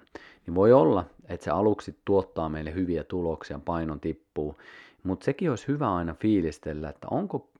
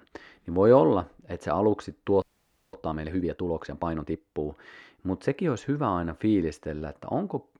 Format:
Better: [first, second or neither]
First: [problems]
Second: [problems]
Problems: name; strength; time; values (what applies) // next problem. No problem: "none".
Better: first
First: none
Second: audio freezing; at 2 s for 0.5 s